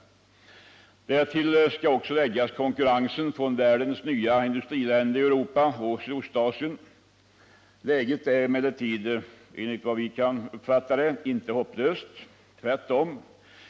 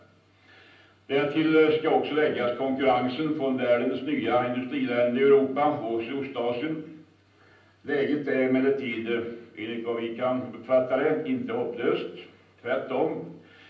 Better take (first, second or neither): first